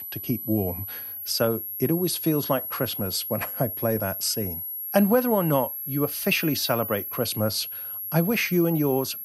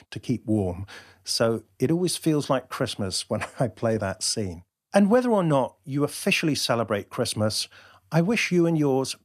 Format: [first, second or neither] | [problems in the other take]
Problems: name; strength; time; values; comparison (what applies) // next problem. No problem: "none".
second | high-pitched whine; loud; throughout; 11.5 kHz, 5 dB below the speech